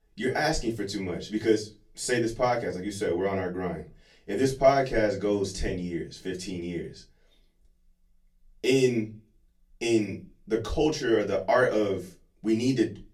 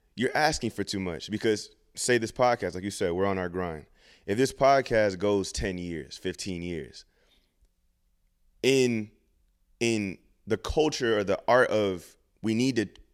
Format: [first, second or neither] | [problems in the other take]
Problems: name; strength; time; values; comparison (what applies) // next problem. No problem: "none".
second | off-mic speech; far // room echo; very slight; dies away in 0.2 s